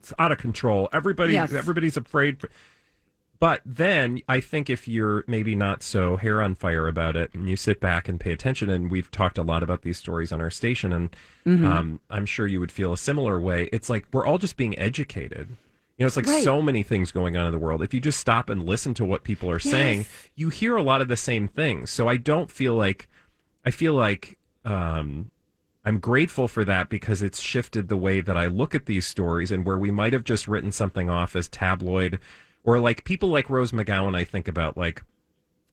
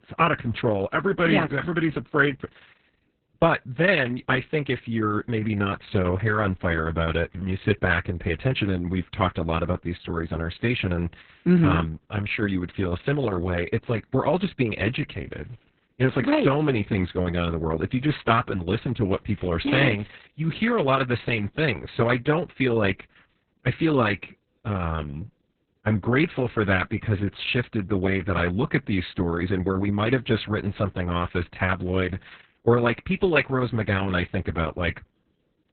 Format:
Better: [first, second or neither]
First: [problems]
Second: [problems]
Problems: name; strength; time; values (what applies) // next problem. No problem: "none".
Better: first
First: garbled, watery; slightly; nothing above 15.5 kHz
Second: garbled, watery; badly; nothing above 4 kHz